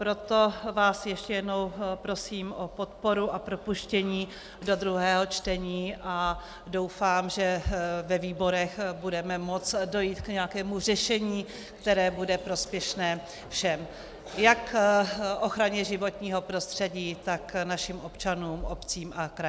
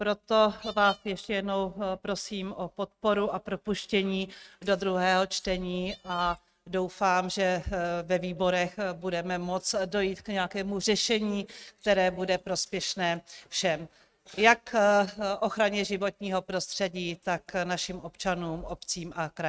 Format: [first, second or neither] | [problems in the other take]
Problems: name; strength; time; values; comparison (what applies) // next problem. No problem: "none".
first | noise reduction (neural mask model RNNoise)